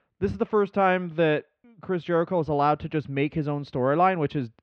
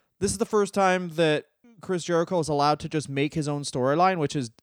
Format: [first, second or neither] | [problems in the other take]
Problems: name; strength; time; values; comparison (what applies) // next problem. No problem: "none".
second | muffled; very; fading above 3 kHz